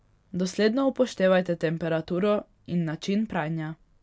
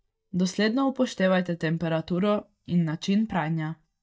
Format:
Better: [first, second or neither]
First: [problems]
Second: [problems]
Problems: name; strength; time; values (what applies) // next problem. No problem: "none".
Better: first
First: none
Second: noise reduction (neural mask model DeepFilterNet 3)